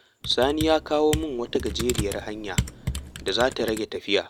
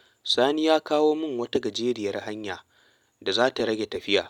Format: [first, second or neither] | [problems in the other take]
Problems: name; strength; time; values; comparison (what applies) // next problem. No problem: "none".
second | background sound (Computer keyboard); 7 dB below the speech